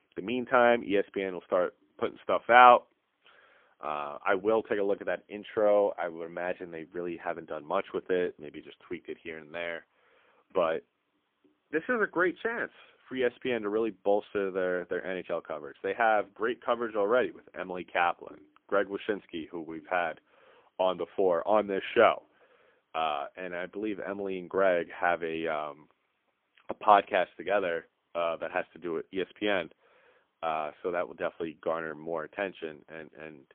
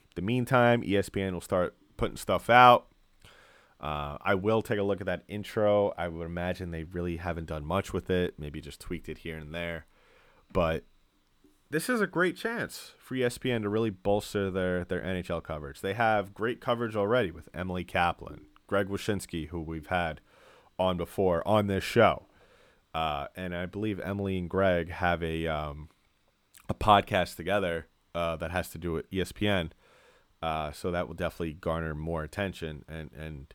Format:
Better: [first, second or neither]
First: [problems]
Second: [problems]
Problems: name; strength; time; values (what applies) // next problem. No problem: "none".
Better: second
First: phone-call audio; poor line; nothing above 3.5 kHz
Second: none